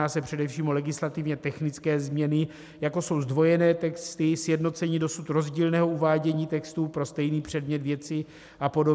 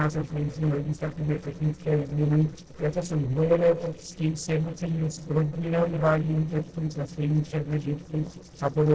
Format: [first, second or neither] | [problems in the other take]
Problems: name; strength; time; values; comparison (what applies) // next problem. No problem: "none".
first | noise reduction (neural separator model SepFormer DNS4)